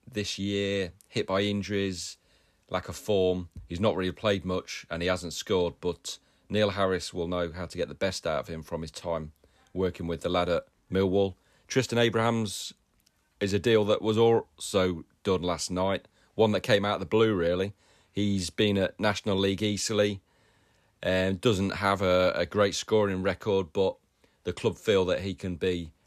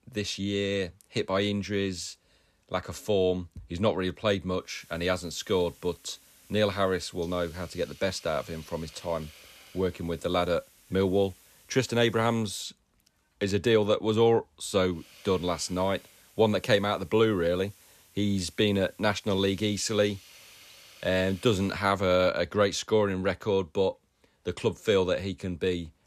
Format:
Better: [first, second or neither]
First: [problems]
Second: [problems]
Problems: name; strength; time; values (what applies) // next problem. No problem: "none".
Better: first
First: none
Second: hiss; faint; from 4.5 to 12 s and from 15 to 22 s; 25 dB below the speech